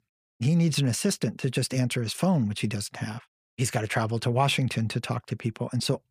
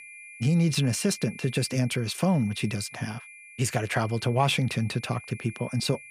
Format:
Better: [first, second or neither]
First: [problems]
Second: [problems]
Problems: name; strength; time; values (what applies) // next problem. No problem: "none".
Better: first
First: none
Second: high-pitched whine; noticeable; throughout; 2.5 kHz, 15 dB below the speech